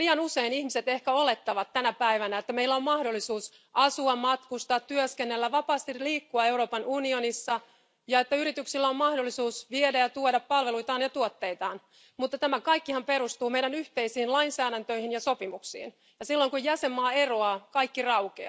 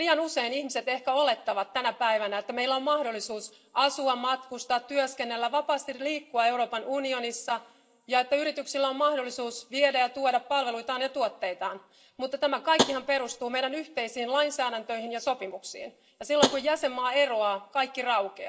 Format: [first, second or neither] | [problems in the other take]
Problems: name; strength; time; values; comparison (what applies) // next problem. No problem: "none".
first | background sound (Tap); 4 dB below the speech // room echo; dies away in 0.3 s